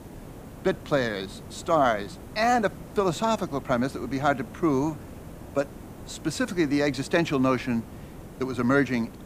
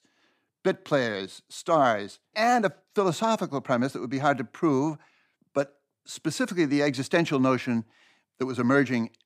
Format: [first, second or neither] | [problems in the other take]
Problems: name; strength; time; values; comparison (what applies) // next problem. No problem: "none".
second | hiss; noticeable; throughout; 15 dB below the speech